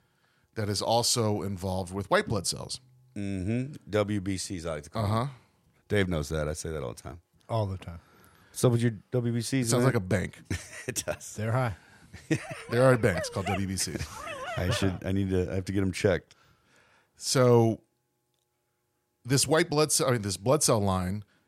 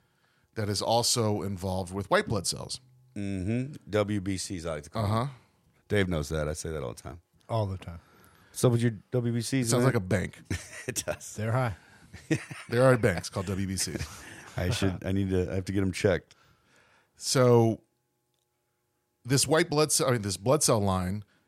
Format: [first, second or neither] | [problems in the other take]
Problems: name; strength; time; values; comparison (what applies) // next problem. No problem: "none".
second | dog barking; noticeable; from 12 to 15 s; peak 6 dB below the speech